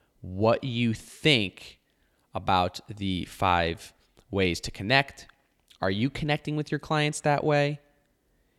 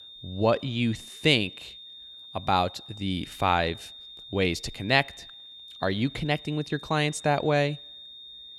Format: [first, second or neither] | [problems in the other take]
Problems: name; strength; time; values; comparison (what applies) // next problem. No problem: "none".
first | high-pitched whine; noticeable; throughout; 3.5 kHz, 15 dB below the speech